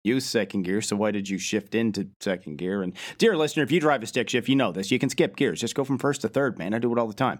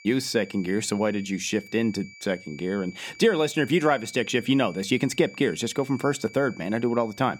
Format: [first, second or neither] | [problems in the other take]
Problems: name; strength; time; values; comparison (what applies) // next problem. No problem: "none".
first | high-pitched whine; noticeable; throughout; 2.5 kHz, 20 dB below the speech